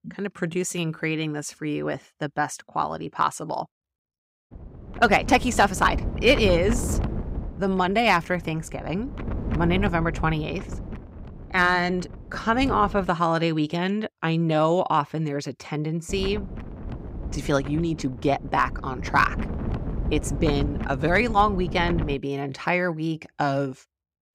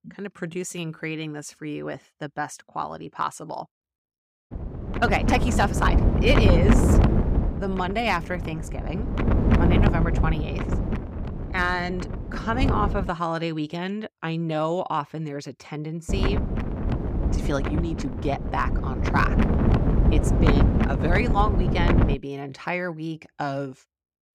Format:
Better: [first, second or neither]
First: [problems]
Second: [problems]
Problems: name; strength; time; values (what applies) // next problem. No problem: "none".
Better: first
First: wind noise on the microphone; occasional gusts; from 4.5 to 13 s and from 16 to 22 s; 15 dB below the speech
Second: wind noise on the microphone; heavy; from 4.5 to 13 s and from 16 to 22 s; 3 dB below the speech